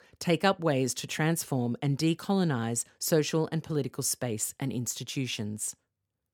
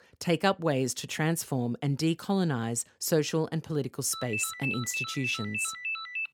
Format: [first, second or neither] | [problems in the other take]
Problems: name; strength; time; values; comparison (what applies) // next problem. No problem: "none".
first | phone ringing; noticeable; from 4 s on; peak 1 dB below the speech